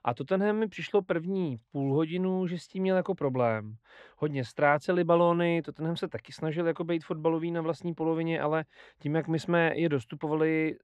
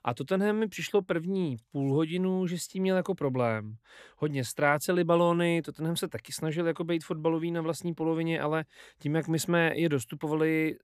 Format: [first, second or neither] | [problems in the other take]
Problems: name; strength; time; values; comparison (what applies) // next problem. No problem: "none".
second | muffled; slightly; fading above 3.5 kHz